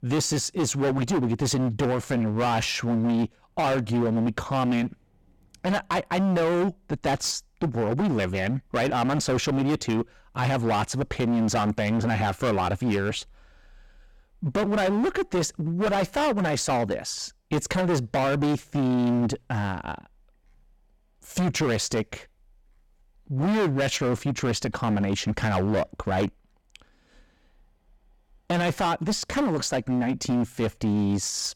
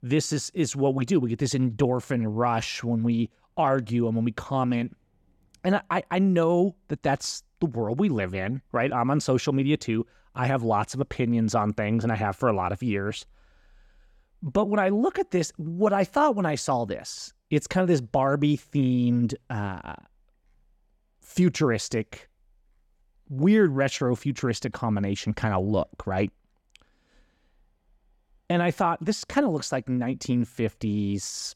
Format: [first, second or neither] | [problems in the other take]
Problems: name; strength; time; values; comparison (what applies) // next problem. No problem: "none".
second | distortion; heavy; 19% of the sound clipped